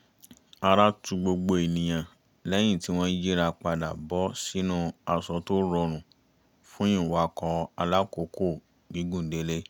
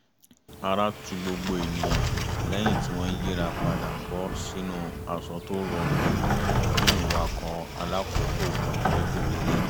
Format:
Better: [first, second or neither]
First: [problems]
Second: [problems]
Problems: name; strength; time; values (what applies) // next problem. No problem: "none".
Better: first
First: none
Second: background sound (Sliding door); 4 dB above the speech